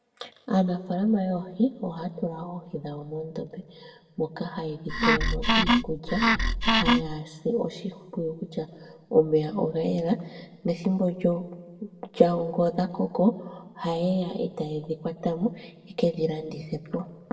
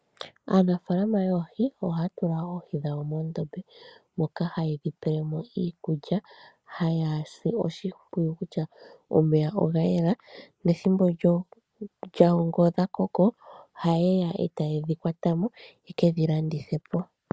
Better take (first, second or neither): second